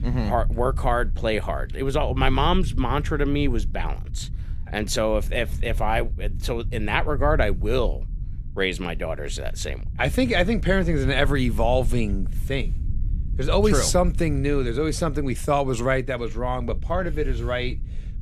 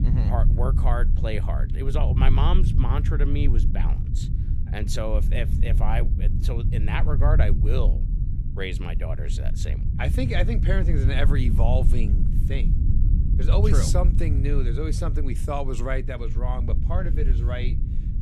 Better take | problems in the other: first | low rumble; loud; throughout; 7 dB below the speech; faint in the first

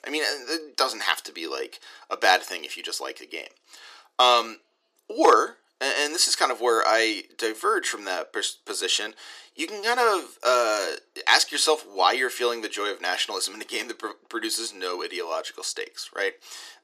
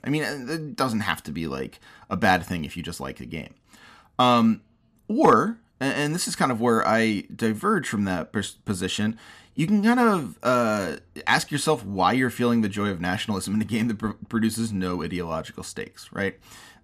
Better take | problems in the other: second | thin; very; fading below 350 Hz

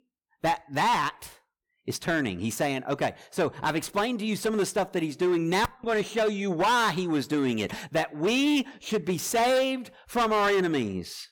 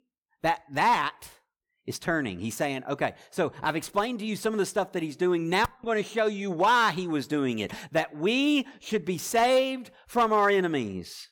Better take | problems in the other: second | distortion; slight; 11% of the sound clipped

